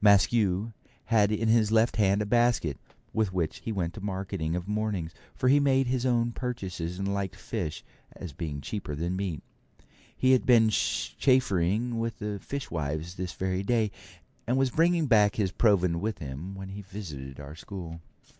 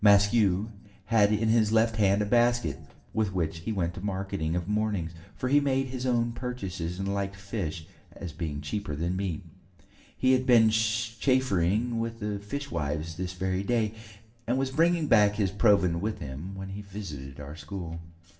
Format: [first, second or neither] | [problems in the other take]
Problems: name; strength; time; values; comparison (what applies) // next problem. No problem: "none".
first | room echo; dies away in 0.7 s